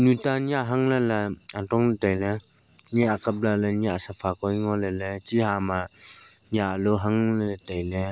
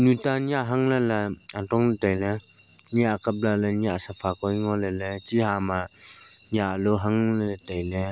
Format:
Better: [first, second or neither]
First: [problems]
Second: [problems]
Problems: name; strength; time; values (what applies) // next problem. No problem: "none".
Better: second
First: noise reduction (neural mask model Resemble Enhance denoiser)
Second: none